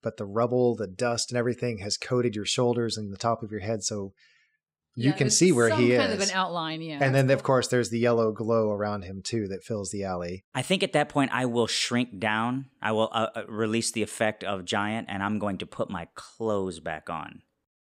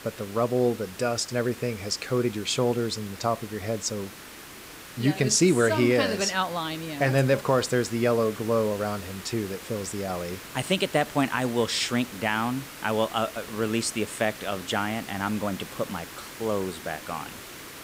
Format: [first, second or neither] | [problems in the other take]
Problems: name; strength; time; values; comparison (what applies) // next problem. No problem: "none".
first | hiss; noticeable; throughout; 15 dB below the speech